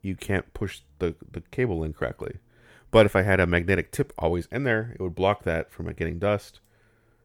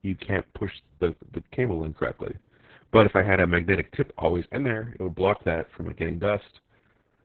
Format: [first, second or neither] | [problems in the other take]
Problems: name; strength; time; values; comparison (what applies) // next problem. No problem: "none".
first | garbled, watery; badly